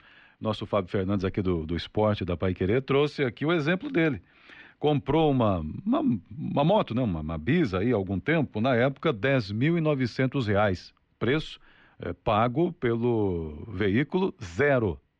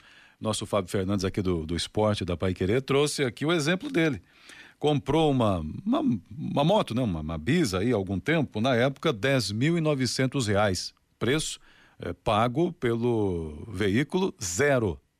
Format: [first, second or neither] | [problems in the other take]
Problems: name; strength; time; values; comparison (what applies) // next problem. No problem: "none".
second | muffled; slightly; fading above 3 kHz